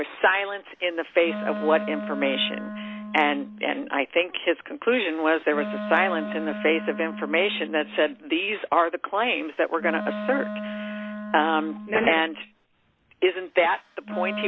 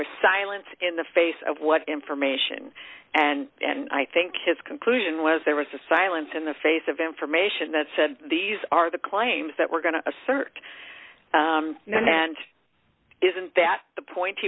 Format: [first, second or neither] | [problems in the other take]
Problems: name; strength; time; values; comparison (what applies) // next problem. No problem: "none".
second | background sound (Wind instrument, woodwind instrument); 10 dB below the speech